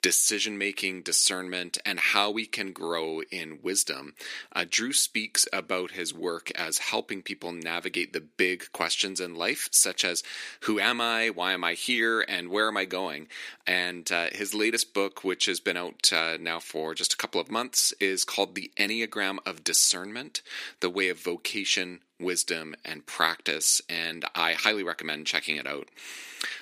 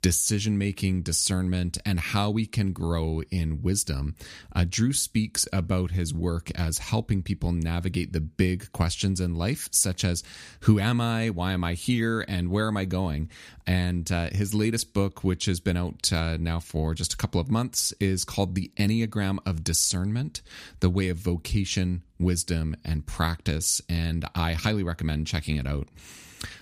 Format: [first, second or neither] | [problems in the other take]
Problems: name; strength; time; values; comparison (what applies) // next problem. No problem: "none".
second | thin; very; fading below 350 Hz